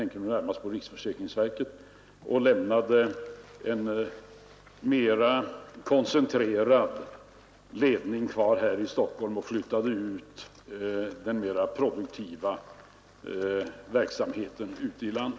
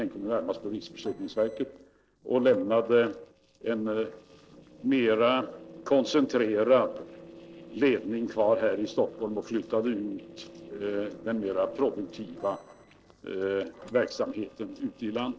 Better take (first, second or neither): first